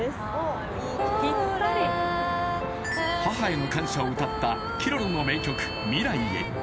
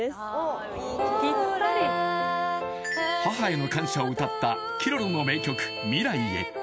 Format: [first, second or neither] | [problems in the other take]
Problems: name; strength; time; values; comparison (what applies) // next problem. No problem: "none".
second | background sound (Traffic noise, roadway noise); 8 dB below the speech